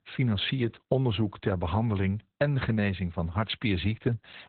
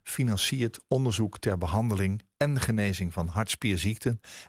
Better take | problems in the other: second | garbled, watery; badly; nothing above 4 kHz; slightly in the second

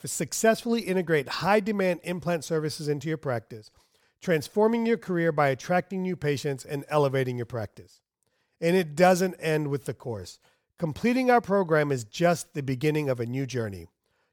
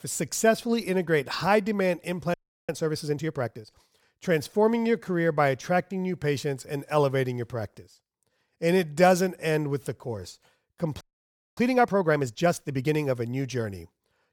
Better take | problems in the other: first | audio freezing; at 2.5 s and at 11 s for 0.5 s

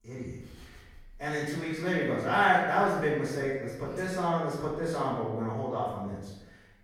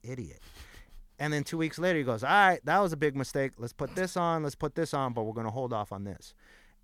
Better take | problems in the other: second | off-mic speech; far // room echo; noticeable; dies away in 0.9 s

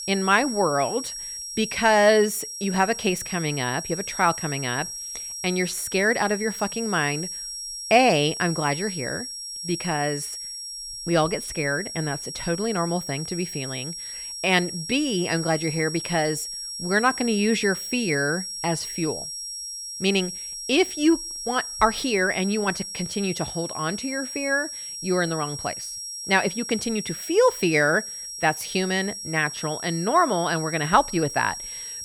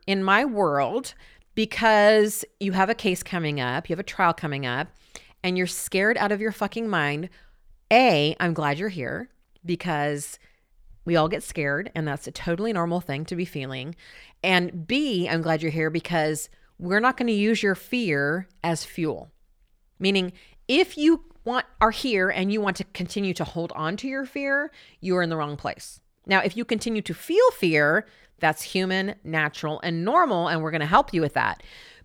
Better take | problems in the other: second | high-pitched whine; loud; throughout; 5.5 kHz, 7 dB below the speech

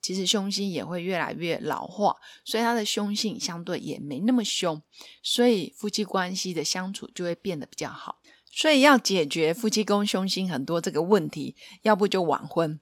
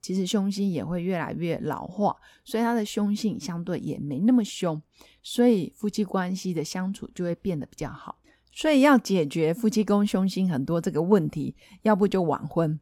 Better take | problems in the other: second | thin; very slightly; fading below 800 Hz

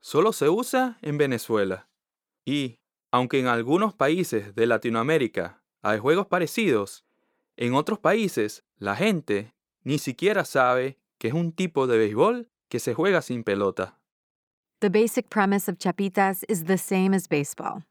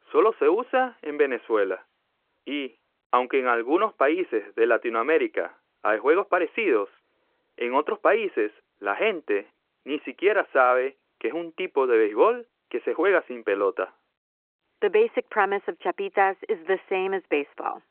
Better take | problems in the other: first | phone-call audio

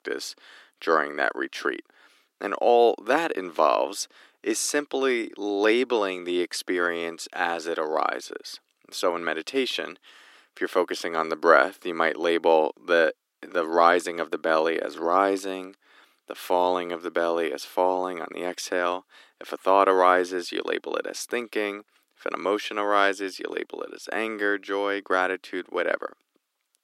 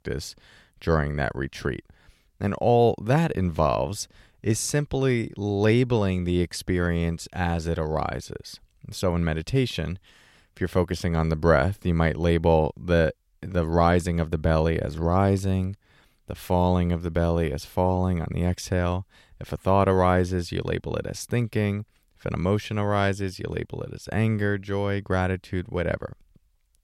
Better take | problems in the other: second | thin; very; fading below 300 Hz

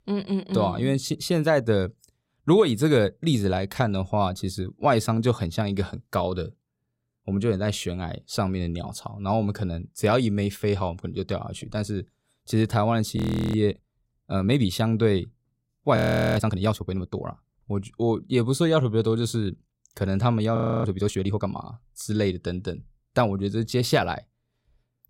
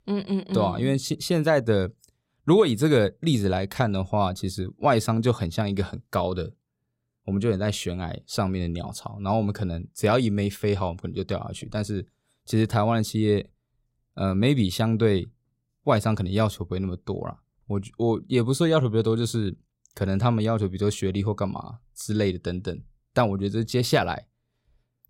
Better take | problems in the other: second | audio freezing; at 13 s, at 16 s and at 21 s

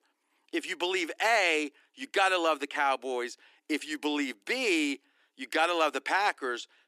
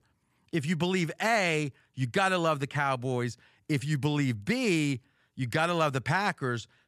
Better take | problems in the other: second | thin; somewhat; fading below 300 Hz

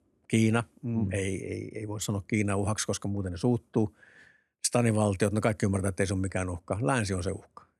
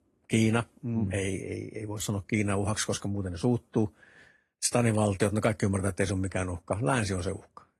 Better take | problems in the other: first | garbled, watery; slightly

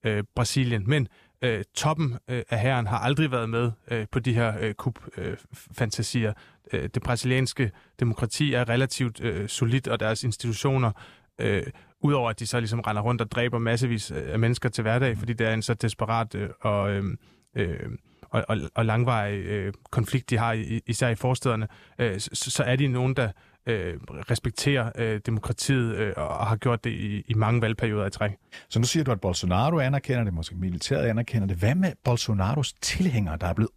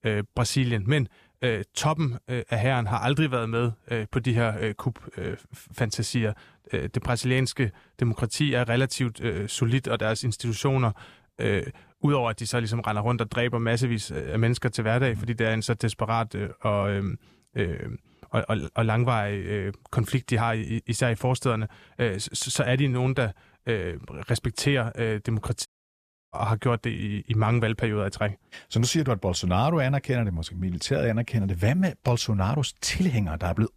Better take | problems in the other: first | audio cutting out; at 26 s for 0.5 s

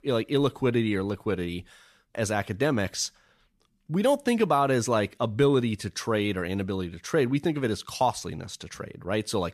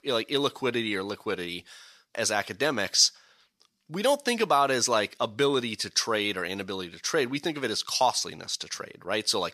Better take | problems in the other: first | thin; somewhat; fading below 700 Hz

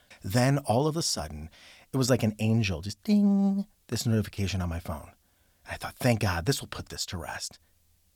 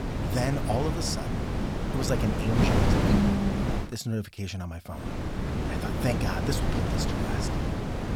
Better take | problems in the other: first | wind noise on the microphone; heavy; until 4 s and from 5 s on; 2 dB above the speech

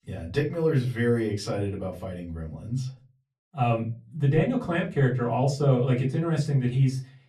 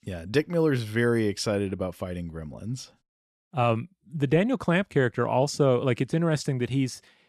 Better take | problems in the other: second | off-mic speech; far // room echo; very slight; dies away in 0.4 s

